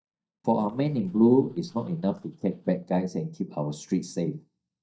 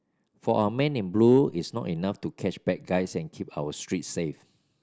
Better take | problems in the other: second | noise reduction (neural mask model DeepFilterNet 3)

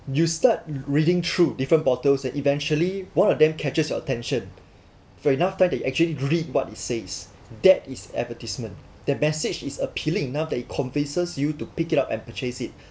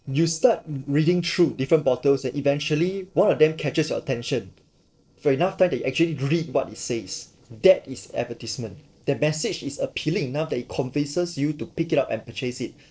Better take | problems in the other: first | noise reduction (neural separator model SepFormer DNS4)

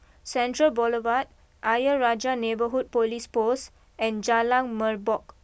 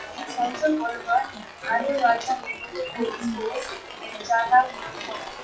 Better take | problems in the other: first | noise reduction (classical method WPE with log-MMSE)

